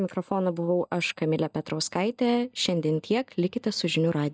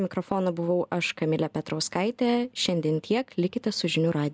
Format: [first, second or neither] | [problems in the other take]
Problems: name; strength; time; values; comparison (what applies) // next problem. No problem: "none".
second | noise reduction (neural mask model DeepFilterNet 3)